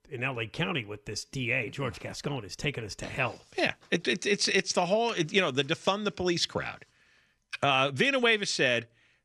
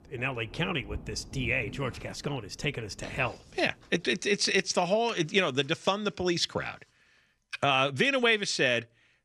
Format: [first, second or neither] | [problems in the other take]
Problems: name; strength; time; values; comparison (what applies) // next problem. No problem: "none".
first | rain or running water; noticeable; until 4.5 s; 20 dB below the speech